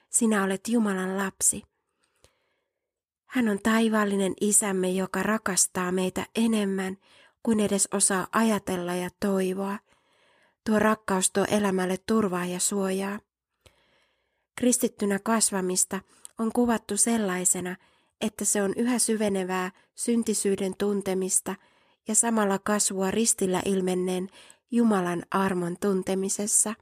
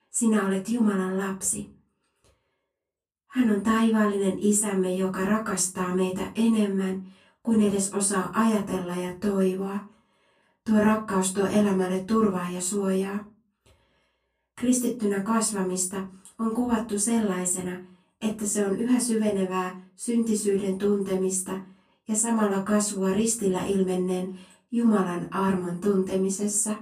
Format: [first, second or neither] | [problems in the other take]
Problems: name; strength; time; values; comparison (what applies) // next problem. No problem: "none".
first | room echo; slight; dies away in 0.3 s // off-mic speech; far